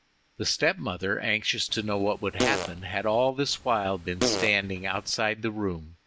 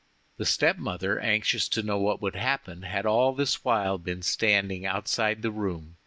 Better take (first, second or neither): second